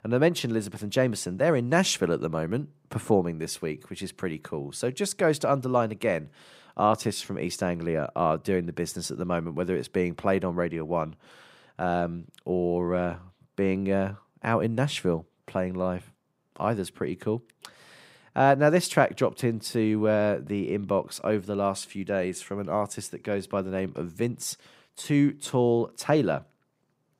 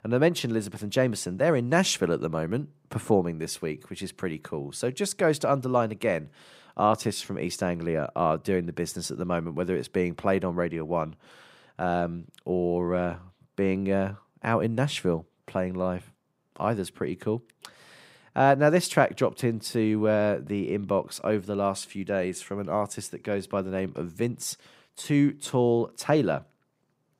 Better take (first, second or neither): neither